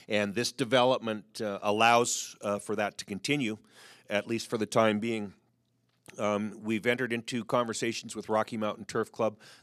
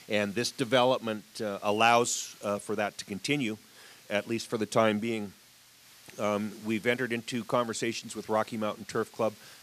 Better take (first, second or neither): first